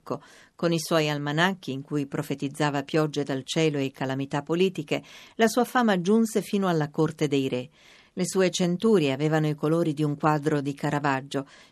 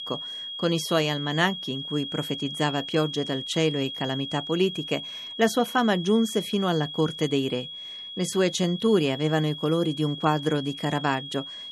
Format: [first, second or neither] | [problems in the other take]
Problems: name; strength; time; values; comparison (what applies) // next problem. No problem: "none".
first | high-pitched whine; loud; throughout; 3.5 kHz, 8 dB below the speech